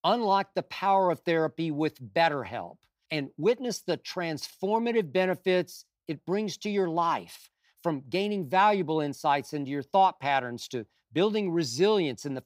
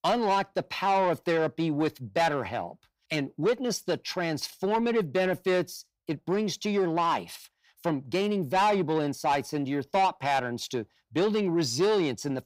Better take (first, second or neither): first